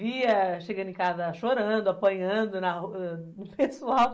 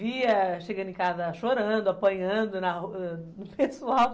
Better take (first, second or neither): second